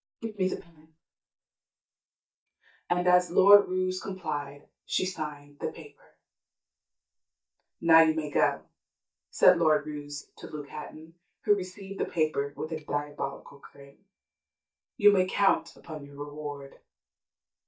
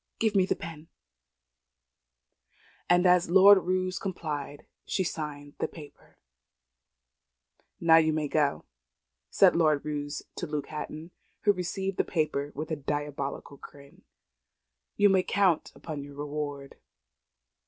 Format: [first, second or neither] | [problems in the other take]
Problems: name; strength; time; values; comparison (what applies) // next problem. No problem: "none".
second | noise reduction (neural mask model DeepFilterNet 3)